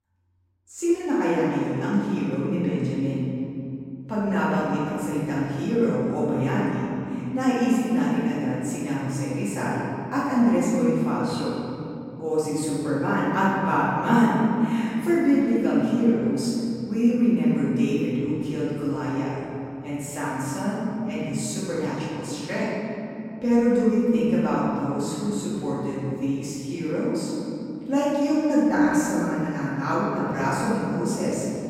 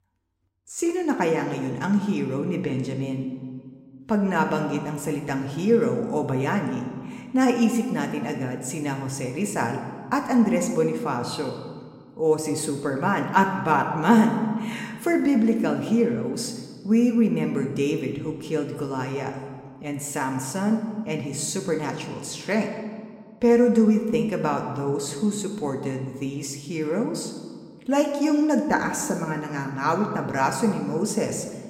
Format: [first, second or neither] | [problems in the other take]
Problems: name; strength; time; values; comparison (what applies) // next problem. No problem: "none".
second | room echo; strong; dies away in 2.8 s; slight in the second // off-mic speech; far